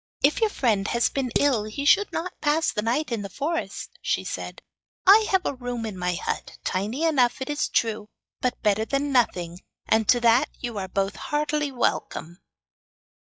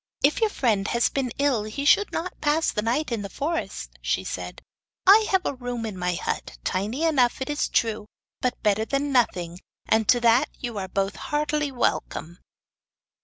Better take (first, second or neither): second